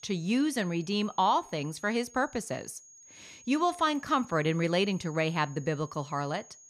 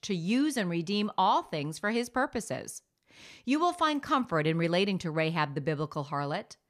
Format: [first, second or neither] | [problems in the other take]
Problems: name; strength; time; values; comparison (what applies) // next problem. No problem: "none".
second | high-pitched whine; faint; throughout; 6.5 kHz, 20 dB below the speech